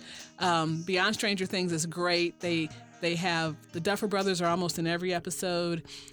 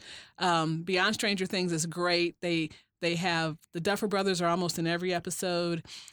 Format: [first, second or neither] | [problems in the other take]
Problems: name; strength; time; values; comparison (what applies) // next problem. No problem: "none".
second | background music; faint; throughout; 20 dB below the speech